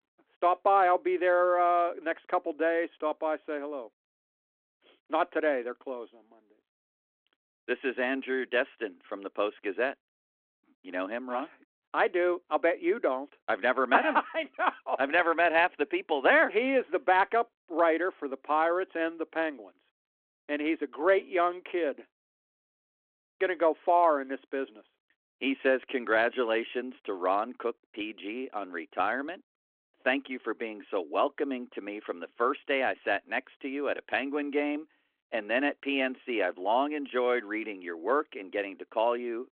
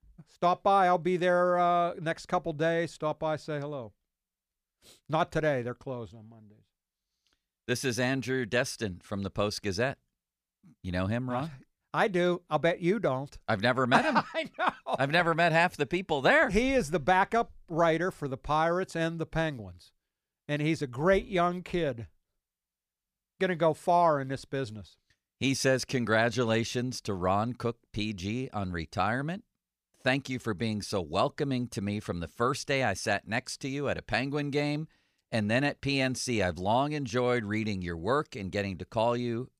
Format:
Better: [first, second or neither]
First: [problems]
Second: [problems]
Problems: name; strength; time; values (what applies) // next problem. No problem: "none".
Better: second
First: phone-call audio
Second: none